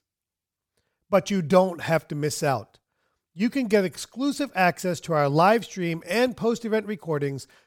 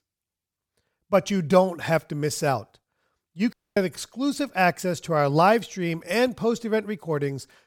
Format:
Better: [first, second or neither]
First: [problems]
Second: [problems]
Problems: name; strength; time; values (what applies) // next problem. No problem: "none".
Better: first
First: none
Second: audio cutting out; at 3.5 s